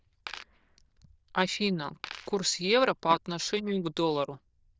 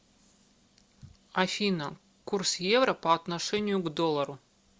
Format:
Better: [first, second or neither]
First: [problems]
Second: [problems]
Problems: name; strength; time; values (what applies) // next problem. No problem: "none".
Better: second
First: noise reduction (neural diffusion model UNIVERSE++)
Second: none